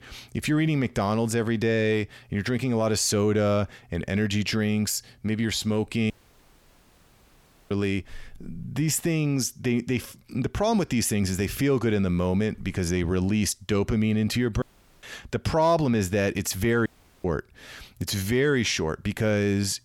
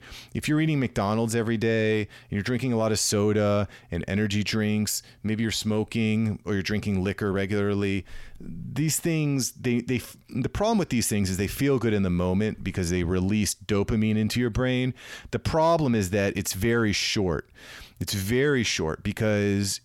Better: second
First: audio cutting out; at 6 s for 1.5 s, at 15 s and at 17 s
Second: none

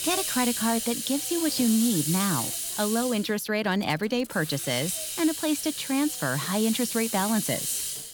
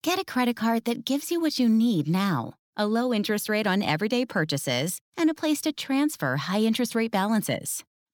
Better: second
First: hiss; loud; throughout; 2 dB below the speech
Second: none

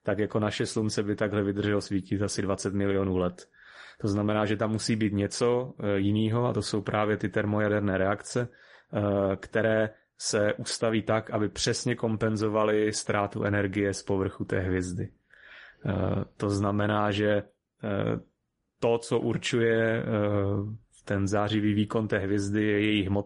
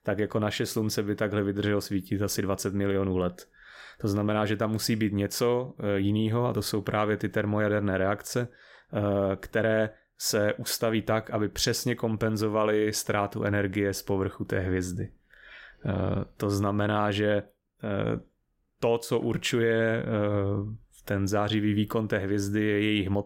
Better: second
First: garbled, watery; slightly; nothing above 10.5 kHz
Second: none

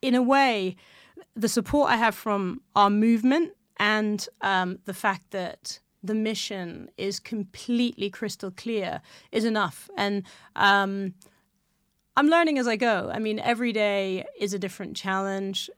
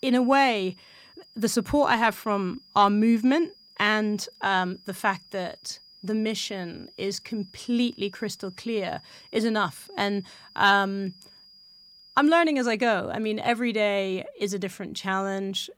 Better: first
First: none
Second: high-pitched whine; faint; until 12 s; 5 kHz, 25 dB below the speech

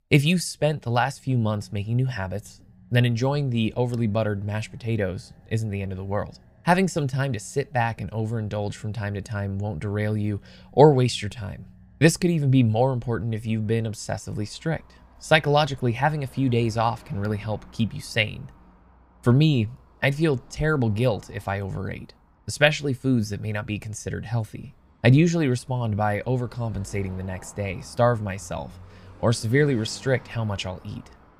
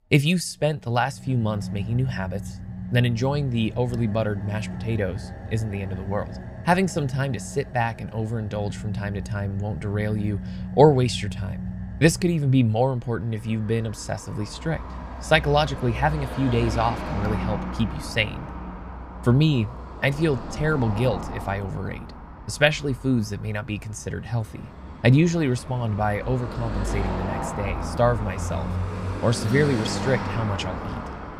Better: first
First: traffic noise; faint; throughout; 25 dB below the speech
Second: traffic noise; loud; throughout; 9 dB below the speech

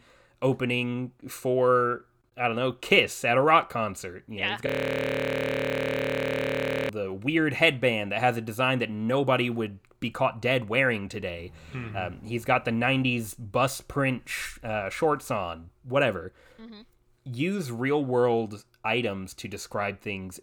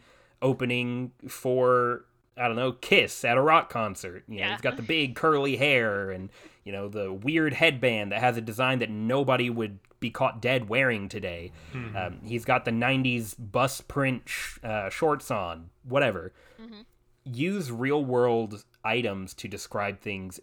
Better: second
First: audio freezing; at 4.5 s for 2 s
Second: none

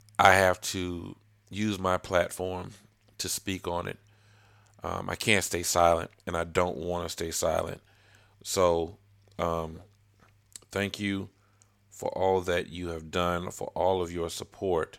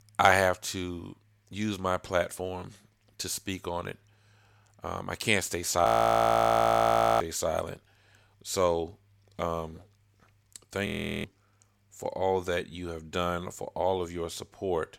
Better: first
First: none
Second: audio freezing; at 6 s for 1.5 s and at 11 s

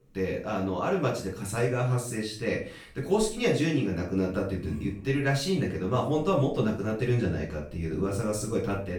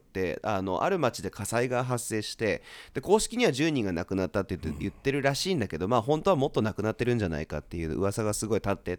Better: second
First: off-mic speech; far // room echo; noticeable; dies away in 0.4 s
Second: none

